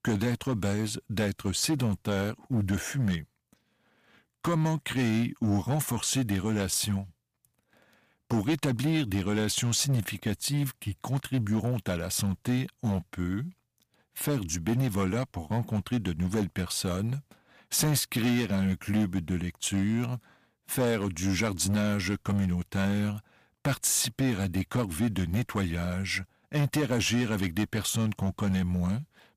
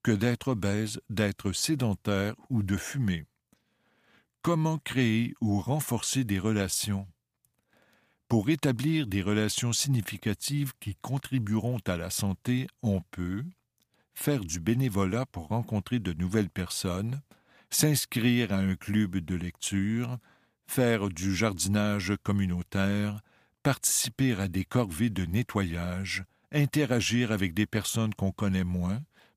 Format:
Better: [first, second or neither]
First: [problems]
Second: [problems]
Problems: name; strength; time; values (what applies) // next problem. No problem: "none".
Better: second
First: distortion; slight; 7% of the sound clipped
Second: none